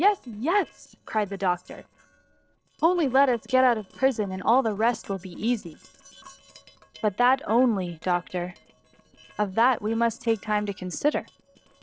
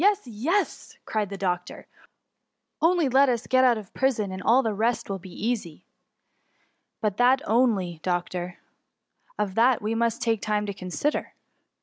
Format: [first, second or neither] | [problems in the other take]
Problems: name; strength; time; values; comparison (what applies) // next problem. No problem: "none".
second | noise reduction (neural separator model SepFormer DNS4)